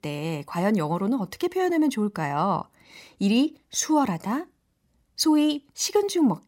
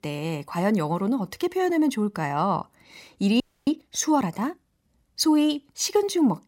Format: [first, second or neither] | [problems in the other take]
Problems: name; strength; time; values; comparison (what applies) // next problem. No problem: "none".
first | audio freezing; at 3.5 s